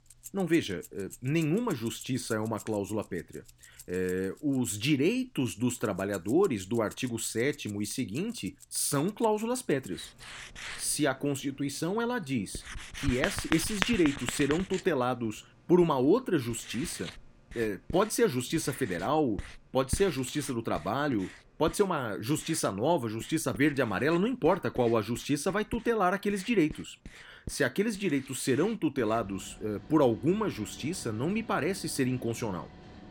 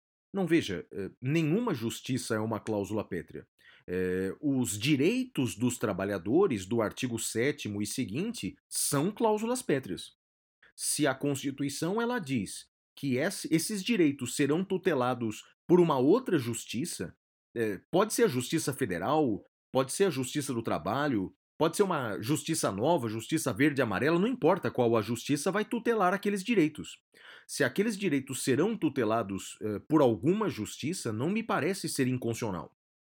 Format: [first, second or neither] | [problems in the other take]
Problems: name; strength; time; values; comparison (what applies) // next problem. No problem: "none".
second | household noises; noticeable; throughout; 15 dB below the speech